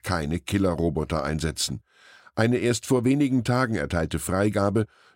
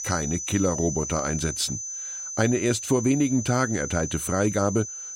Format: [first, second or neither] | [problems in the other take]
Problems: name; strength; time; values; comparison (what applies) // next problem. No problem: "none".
first | high-pitched whine; loud; throughout; 6 kHz, 6 dB below the speech